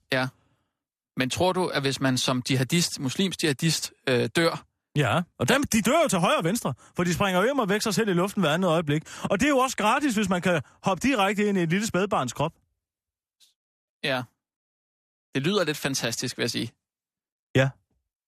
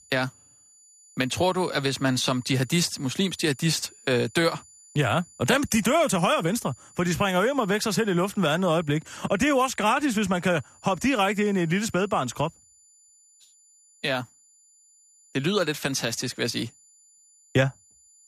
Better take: first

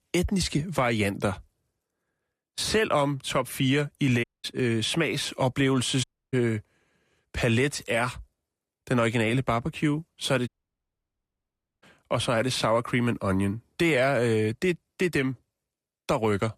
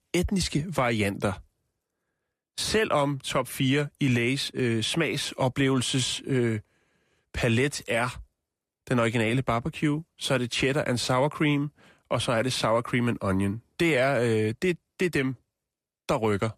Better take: second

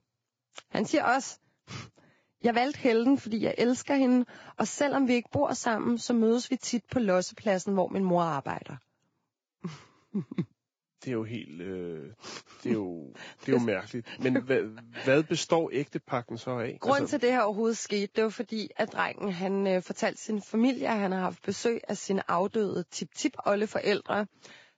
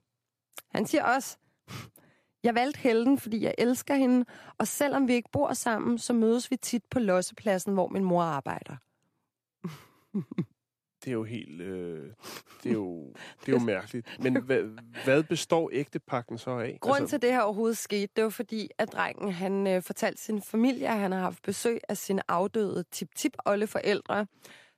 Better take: second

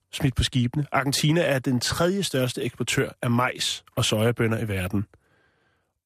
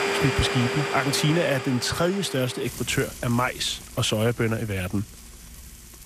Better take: first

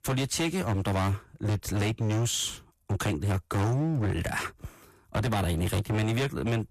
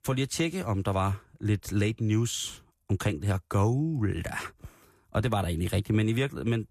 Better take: second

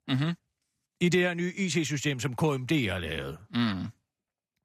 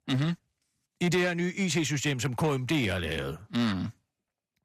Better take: first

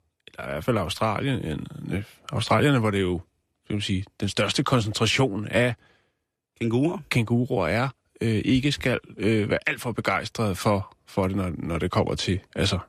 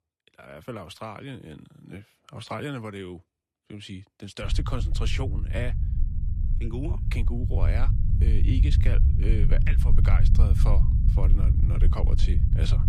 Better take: first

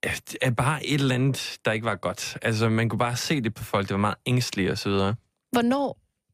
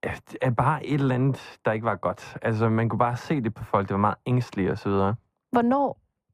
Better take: first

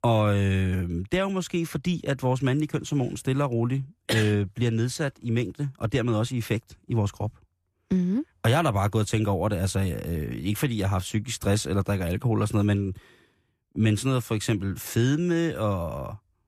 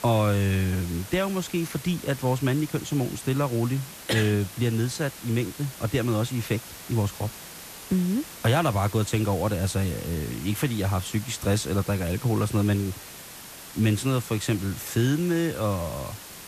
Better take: first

